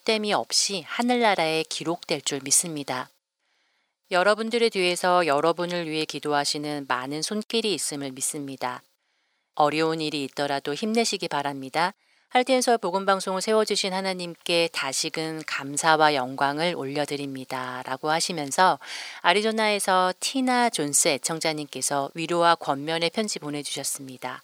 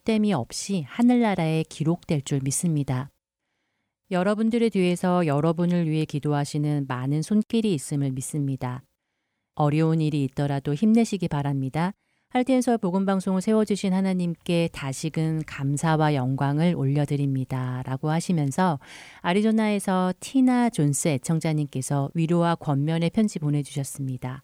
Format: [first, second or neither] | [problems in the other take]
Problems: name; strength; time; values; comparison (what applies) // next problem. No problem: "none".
second | thin; very; fading below 500 Hz